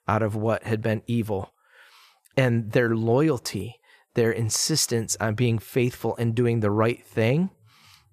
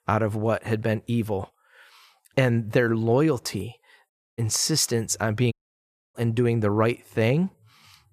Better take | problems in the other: first | audio cutting out; at 4 s and at 5.5 s for 0.5 s

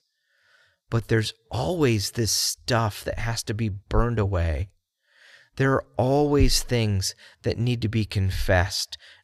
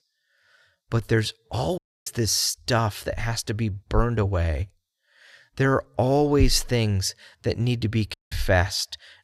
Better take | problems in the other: first | audio cutting out; at 2 s and at 8 s

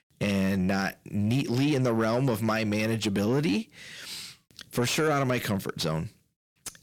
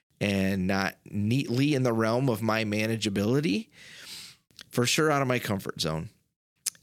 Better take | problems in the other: second | distortion; slight; 10 dB below the speech

